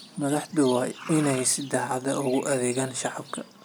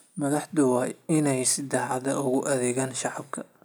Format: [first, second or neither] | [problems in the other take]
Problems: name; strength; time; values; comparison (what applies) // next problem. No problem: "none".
second | background sound (Livestock, farm animals, working animals); 17 dB below the speech